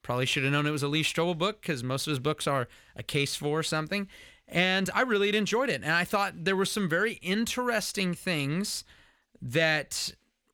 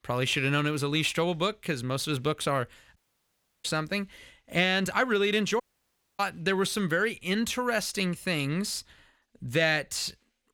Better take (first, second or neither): first